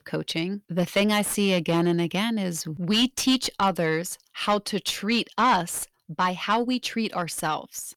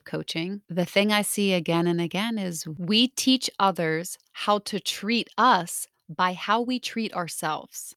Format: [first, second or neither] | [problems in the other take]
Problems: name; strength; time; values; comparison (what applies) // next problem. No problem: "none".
second | distortion; slight; 10 dB below the speech